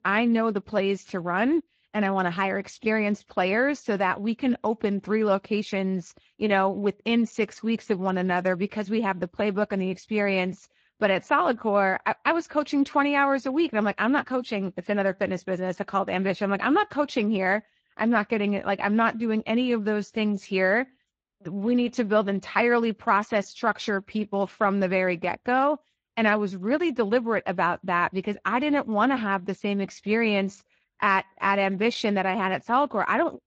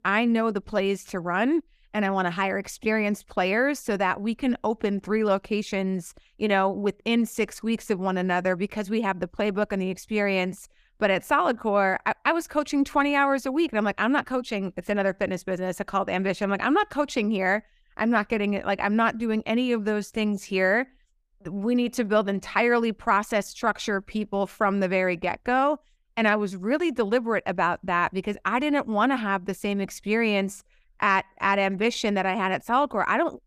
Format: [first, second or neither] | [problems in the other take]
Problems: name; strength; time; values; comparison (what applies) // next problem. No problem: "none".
second | garbled, watery; slightly; nothing above 7.5 kHz